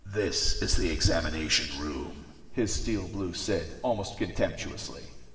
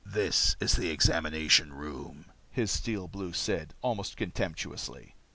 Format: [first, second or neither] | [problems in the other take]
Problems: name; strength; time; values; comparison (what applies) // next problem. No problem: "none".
second | room echo; dies away in 2 s